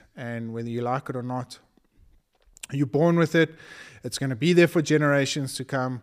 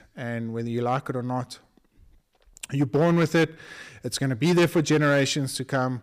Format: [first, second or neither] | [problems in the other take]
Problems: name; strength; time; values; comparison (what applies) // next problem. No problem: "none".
first | distortion; slight; 5% of the sound clipped